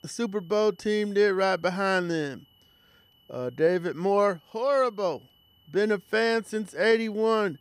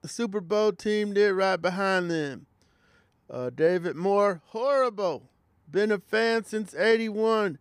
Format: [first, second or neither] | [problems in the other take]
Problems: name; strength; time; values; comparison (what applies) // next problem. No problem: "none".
second | high-pitched whine; faint; throughout; 3 kHz, 35 dB below the speech